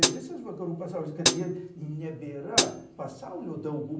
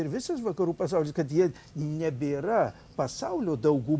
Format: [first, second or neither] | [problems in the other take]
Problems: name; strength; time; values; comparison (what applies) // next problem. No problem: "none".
second | background sound (Hi-hat); 4 dB above the speech // room echo; dies away in 0.6 s